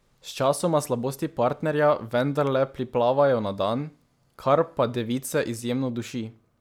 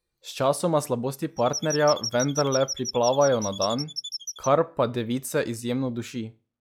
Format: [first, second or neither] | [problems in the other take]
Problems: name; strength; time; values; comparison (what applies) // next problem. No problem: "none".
first | noise reduction (classical method log-MMSE)